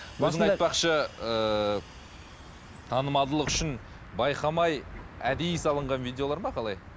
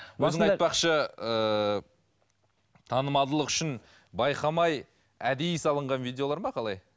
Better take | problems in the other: second | background sound (Bus); 14 dB below the speech

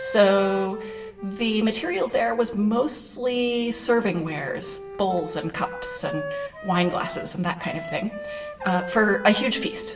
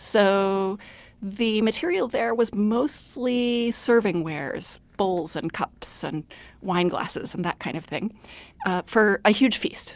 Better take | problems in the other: second | background sound (Wind instrument, woodwind instrument); 12 dB below the speech // room echo; dies away in 0.8 s

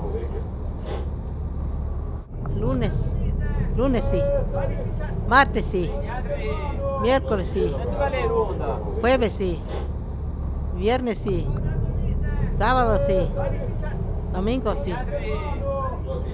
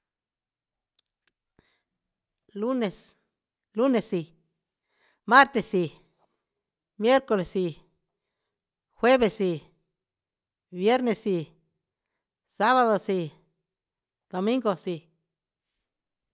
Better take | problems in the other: second | background sound (Boat, Water vehicle); 3 dB above the speech

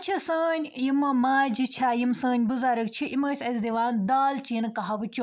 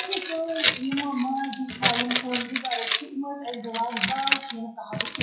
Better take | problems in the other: first | noise reduction (classical method WPE with log-MMSE)

